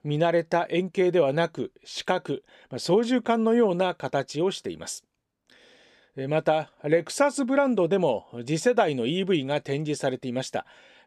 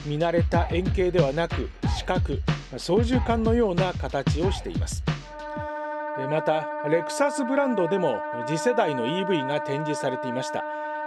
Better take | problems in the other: first | background music; loud; throughout; 3 dB below the speech

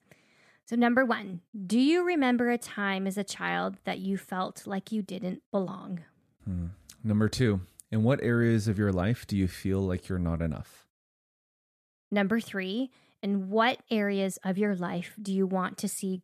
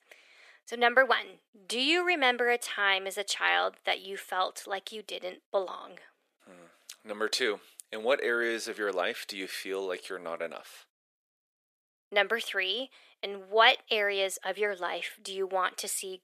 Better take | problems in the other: first | thin; very; fading below 400 Hz

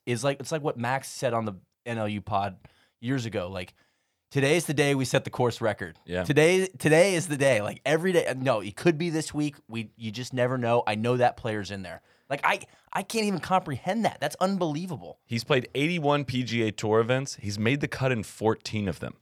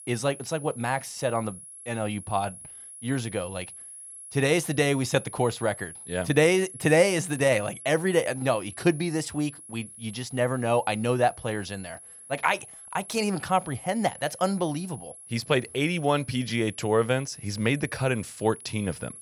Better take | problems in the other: first | high-pitched whine; noticeable; throughout; 10.5 kHz, 15 dB below the speech

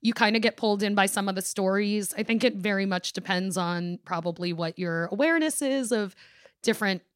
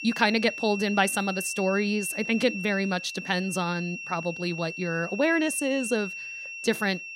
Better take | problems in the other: first | high-pitched whine; loud; throughout; 2.5 kHz, 8 dB below the speech

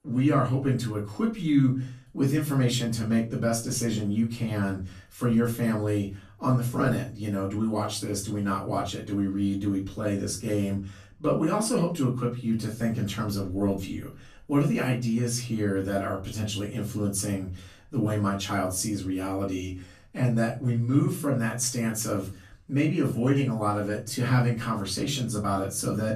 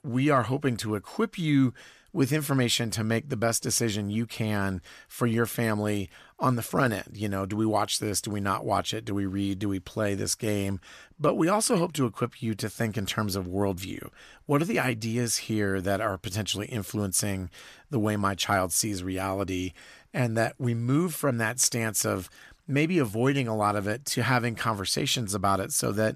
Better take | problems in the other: second | off-mic speech; far // room echo; slight; dies away in 0.4 s

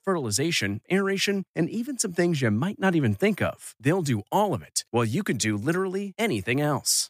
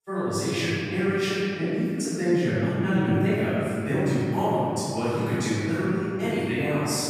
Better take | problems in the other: first | off-mic speech; far // room echo; strong; dies away in 2.7 s

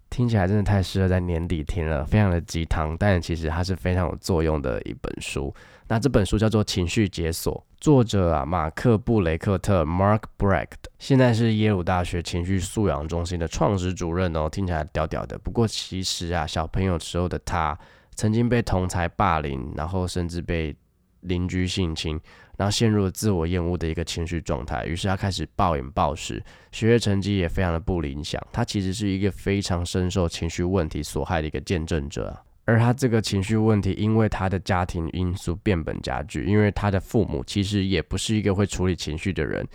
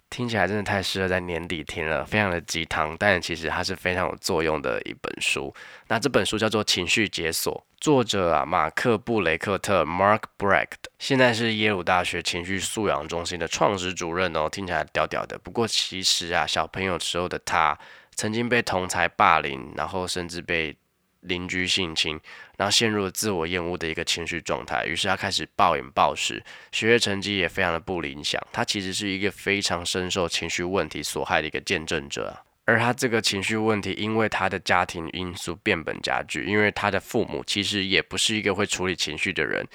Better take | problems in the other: first | thin; somewhat; fading below 600 Hz

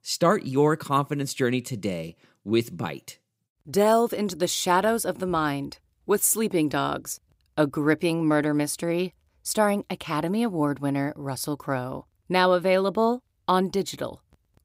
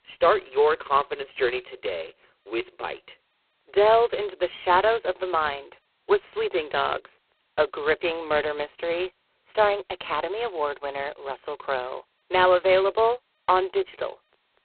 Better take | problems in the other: first | phone-call audio; poor line; nothing above 4 kHz

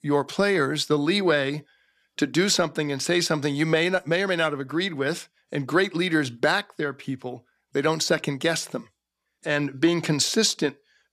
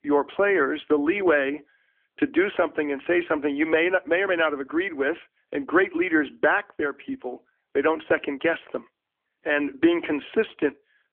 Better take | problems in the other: first | phone-call audio; nothing above 3 kHz

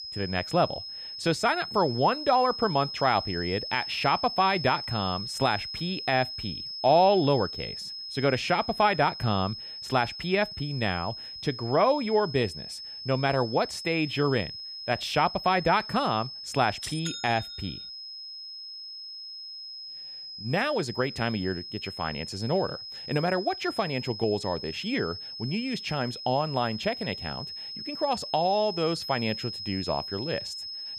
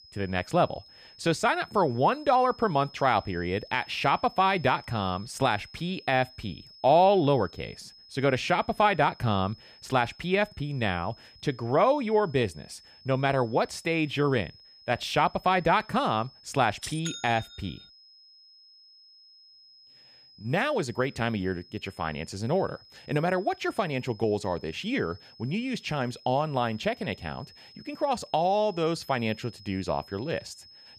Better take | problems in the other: second | high-pitched whine; loud; throughout; 5 kHz, 8 dB below the speech; faint in the second

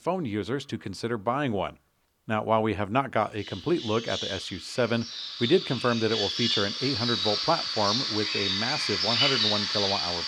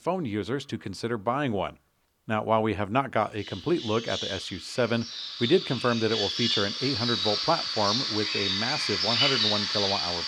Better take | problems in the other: neither | animal sounds; very loud; throughout; 2 dB above the speech; the same in both

